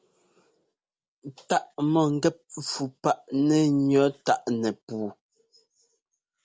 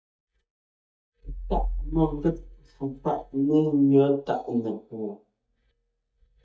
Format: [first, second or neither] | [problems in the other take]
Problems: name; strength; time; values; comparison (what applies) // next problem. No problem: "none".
first | noise reduction (neural mask model DeepFilterNet 3)